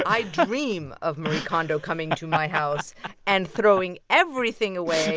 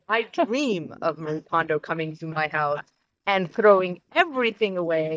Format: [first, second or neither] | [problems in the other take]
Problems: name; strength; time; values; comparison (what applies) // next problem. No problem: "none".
first | noise reduction (neural mask model DeepFilterNet 3)